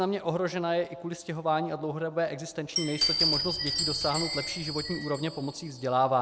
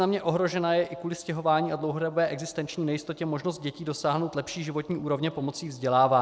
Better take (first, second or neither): second